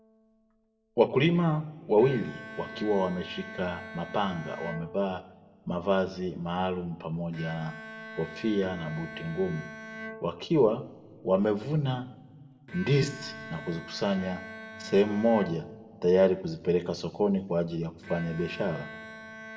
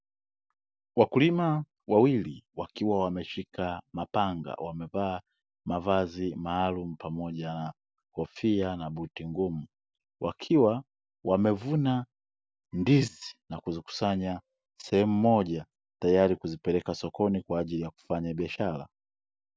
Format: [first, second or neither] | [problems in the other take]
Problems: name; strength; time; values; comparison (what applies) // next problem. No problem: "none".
second | background sound (Bowed string instrument); 16 dB below the speech // room echo; dies away in 1 s